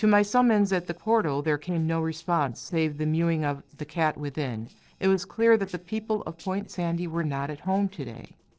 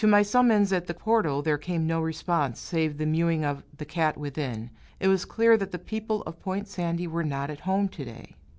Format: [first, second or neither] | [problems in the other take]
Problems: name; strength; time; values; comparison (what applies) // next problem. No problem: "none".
second | noise reduction (neural separator model SepFormer DNS4)